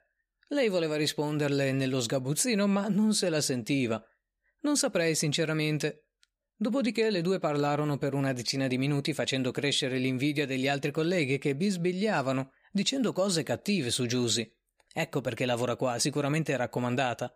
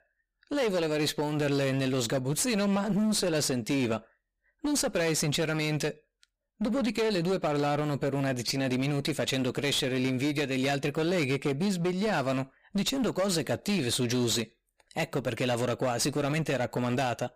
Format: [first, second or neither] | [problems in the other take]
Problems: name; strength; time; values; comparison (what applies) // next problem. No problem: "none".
first | distortion; slight; 19% of the sound clipped